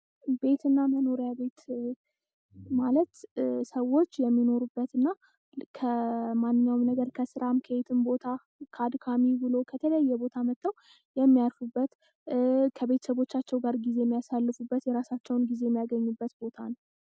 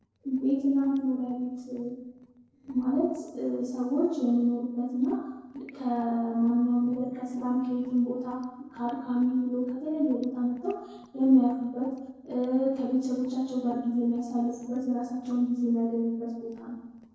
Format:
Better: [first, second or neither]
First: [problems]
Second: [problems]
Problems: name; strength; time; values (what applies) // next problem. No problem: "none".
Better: first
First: none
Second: noise reduction (neural separator model SepFormer DNS4)